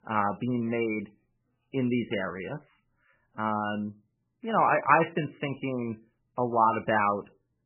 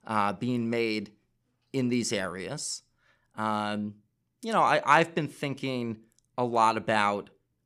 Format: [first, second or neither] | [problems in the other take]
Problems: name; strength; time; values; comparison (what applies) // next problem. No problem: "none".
second | garbled, watery; badly; nothing above 3 kHz